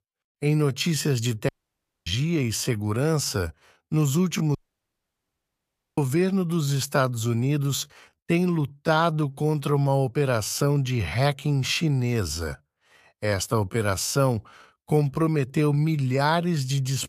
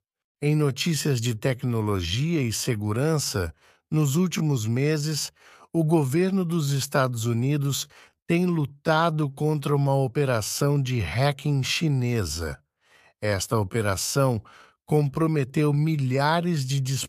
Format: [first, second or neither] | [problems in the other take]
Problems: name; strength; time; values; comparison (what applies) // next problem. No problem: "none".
second | audio cutting out; at 1.5 s for 0.5 s and at 4.5 s for 1.5 s